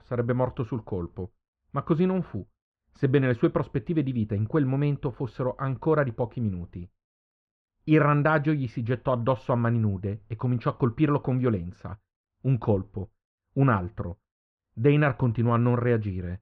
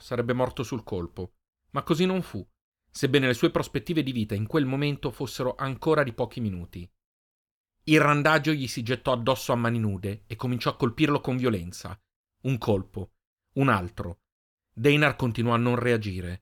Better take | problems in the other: second | muffled; very; fading above 1.5 kHz

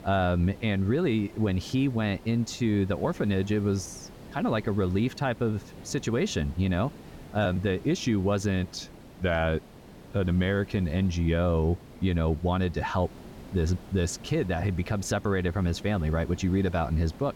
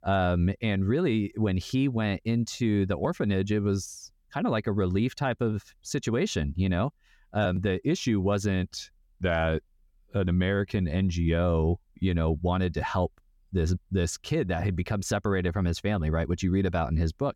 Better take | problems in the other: second | hiss; noticeable; throughout; 20 dB below the speech

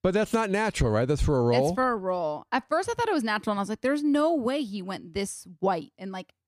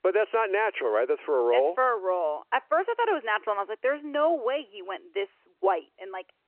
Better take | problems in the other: first | phone-call audio

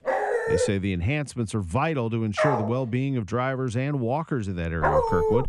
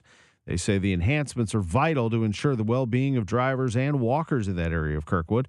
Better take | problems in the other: second | dog barking; loud; at the start, at 2.5 s and at 5 s; peak 4 dB above the speech

